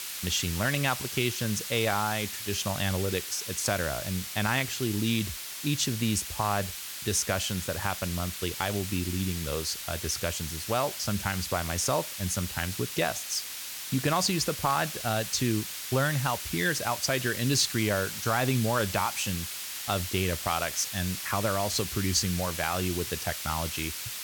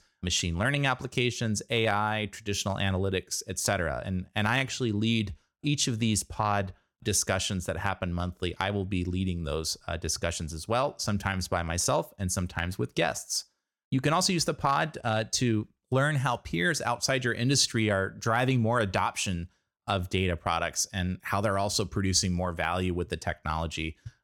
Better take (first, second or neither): second